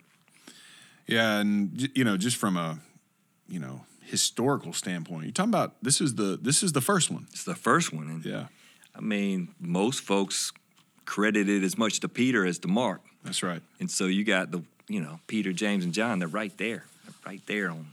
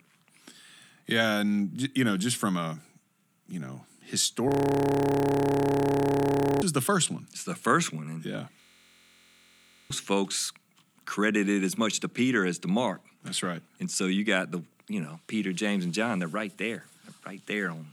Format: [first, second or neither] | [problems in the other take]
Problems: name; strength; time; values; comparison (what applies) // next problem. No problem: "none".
first | audio freezing; at 4.5 s for 2 s and at 8.5 s for 1.5 s